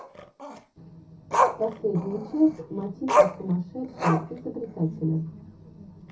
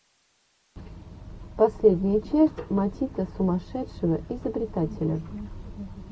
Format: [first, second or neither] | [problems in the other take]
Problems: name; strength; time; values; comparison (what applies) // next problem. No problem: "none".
second | background sound (Growling); as loud as the speech // room echo; dies away in 0.3 s